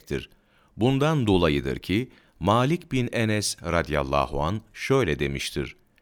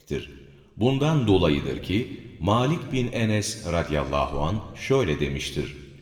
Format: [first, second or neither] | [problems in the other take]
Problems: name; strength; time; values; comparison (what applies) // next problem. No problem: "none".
first | room echo; slight; dies away in 1.3 s